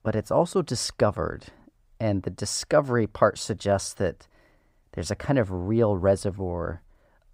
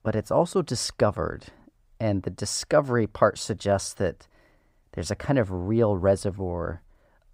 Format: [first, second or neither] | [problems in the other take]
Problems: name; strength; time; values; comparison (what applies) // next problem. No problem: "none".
neither | muffled; slightly; fading above 2 kHz; the same in both